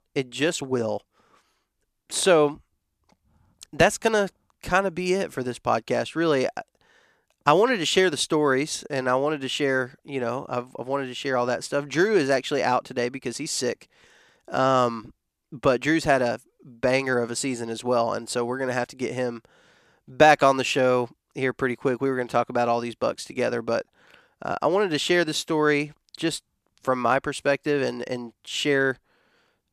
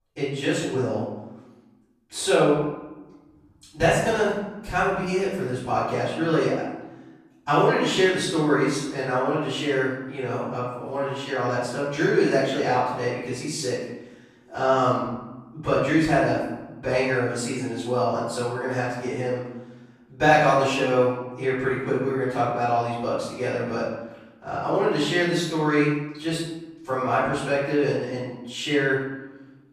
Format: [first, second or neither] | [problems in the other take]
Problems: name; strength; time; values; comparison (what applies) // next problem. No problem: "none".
first | off-mic speech; far // room echo; strong; dies away in 0.9 s